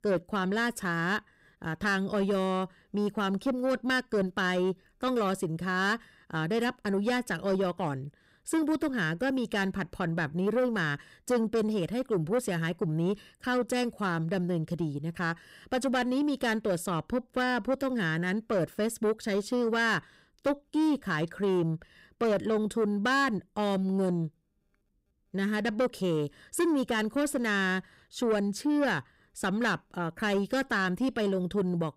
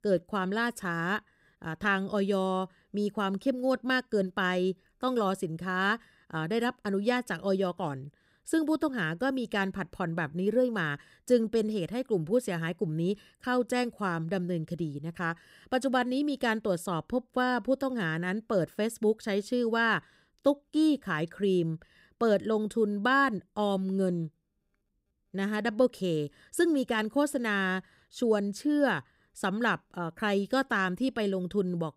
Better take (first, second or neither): second